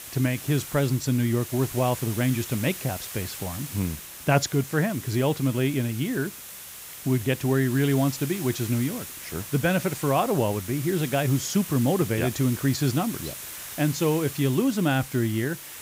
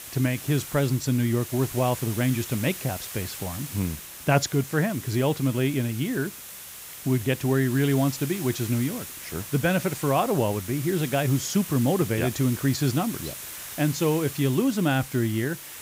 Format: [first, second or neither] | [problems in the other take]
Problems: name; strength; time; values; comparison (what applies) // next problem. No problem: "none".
neither | hiss; noticeable; throughout; 10 dB below the speech; the same in both